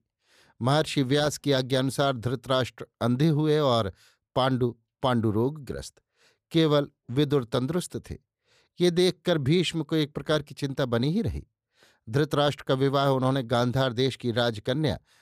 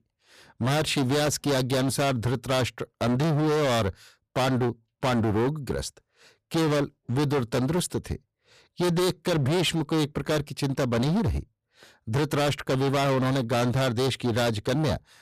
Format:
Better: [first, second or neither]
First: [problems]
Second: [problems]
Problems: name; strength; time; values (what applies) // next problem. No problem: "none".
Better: first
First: none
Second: distortion; heavy; 25% of the sound clipped